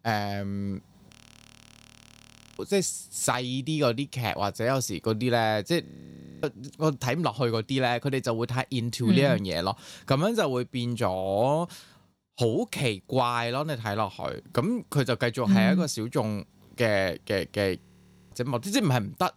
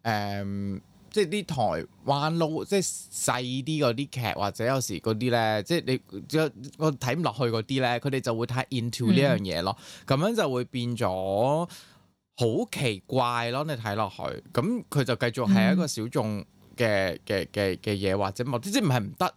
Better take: second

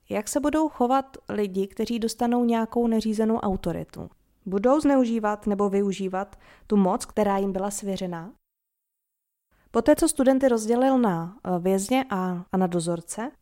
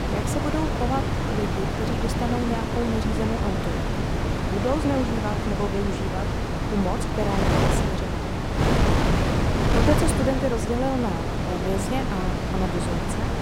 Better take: first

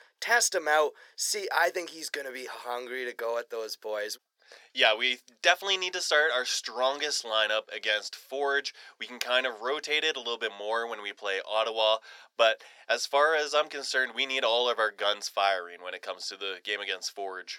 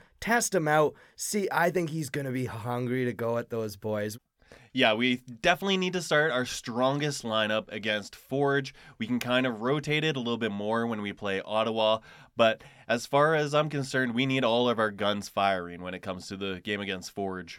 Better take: second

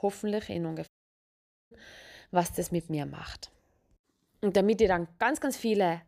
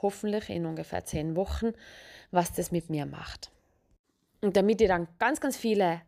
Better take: second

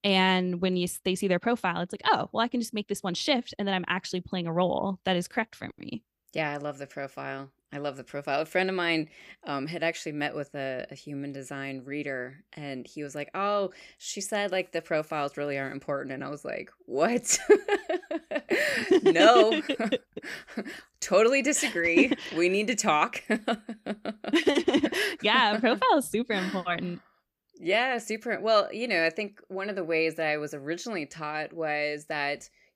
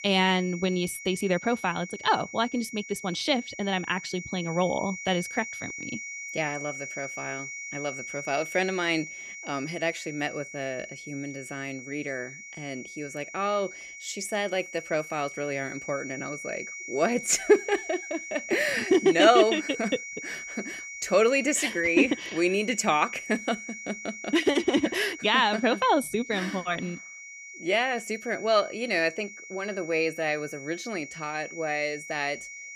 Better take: first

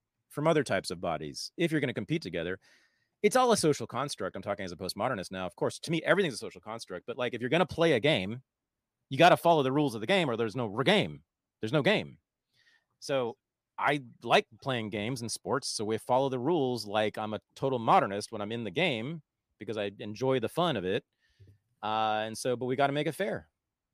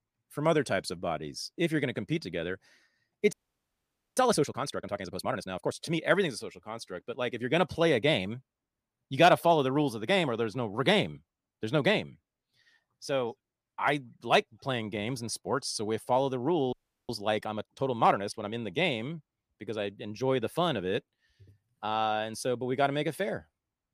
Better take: first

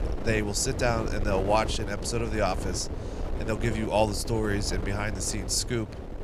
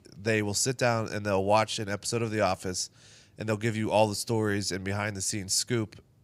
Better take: second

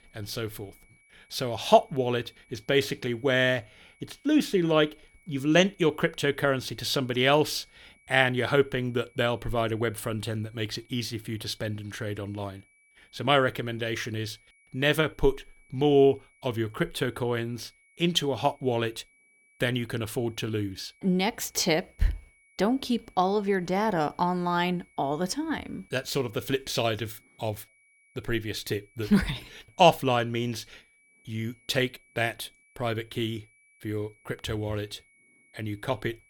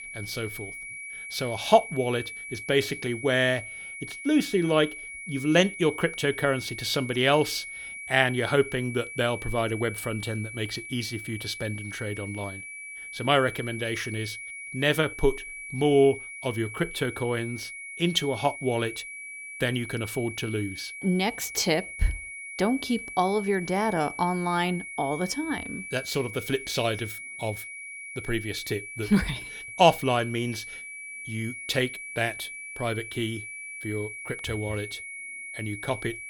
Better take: first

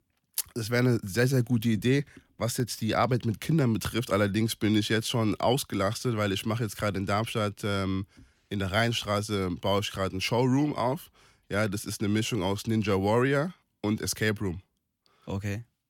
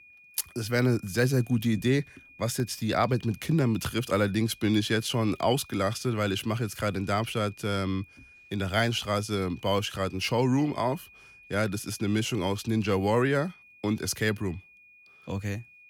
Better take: first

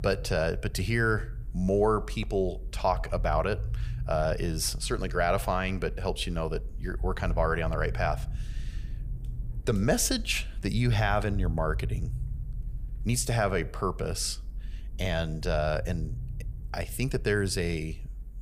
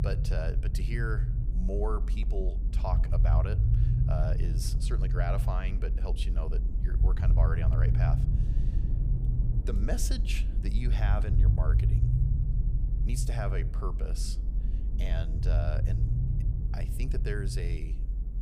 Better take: first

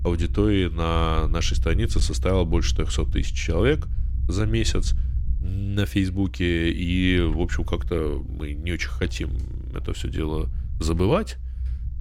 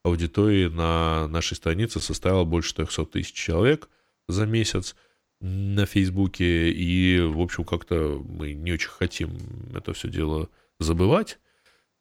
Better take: second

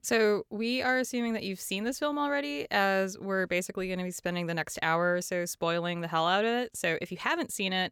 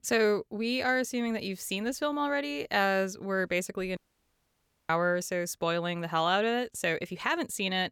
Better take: first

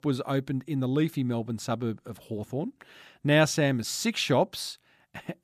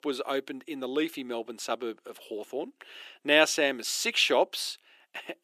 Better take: first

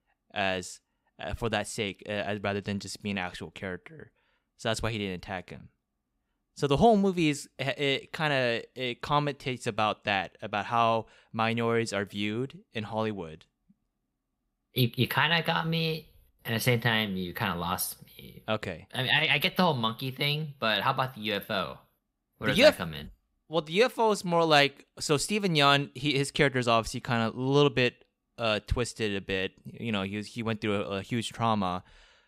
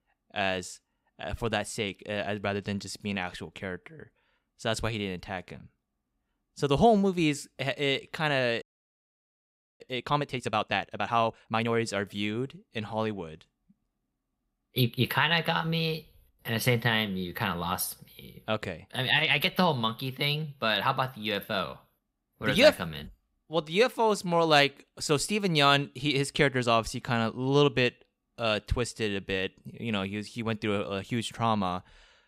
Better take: first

